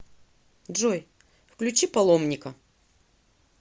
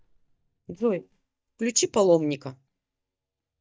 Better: first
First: none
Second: noise reduction (neural mask model DeepFilterNet 3)

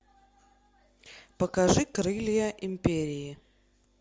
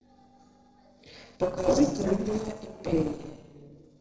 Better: first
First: none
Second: noise reduction (neural separator model SepFormer DNS4)

